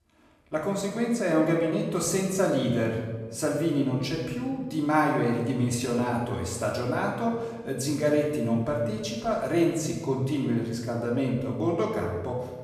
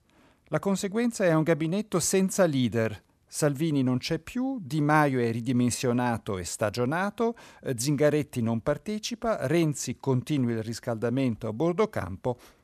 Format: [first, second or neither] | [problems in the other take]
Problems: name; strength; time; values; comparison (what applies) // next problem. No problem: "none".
second | room echo; noticeable; dies away in 1.2 s // off-mic speech; far